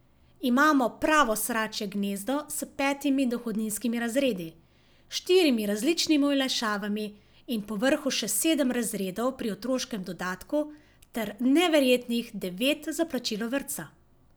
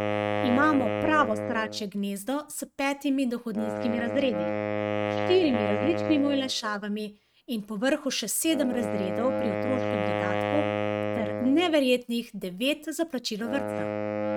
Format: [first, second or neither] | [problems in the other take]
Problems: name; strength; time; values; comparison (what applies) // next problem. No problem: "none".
first | noise reduction (neural mask model RNNoise)